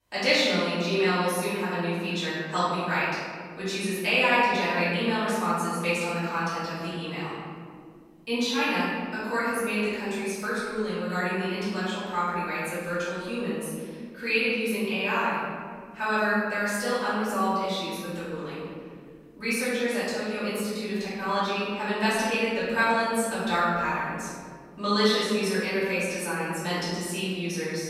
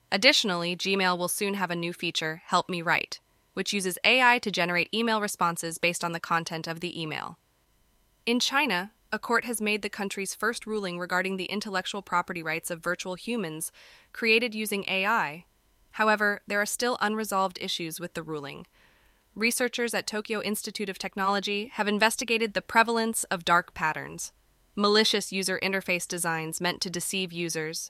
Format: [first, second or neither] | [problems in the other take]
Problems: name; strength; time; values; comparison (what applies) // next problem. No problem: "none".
second | room echo; strong; dies away in 2 s // off-mic speech; far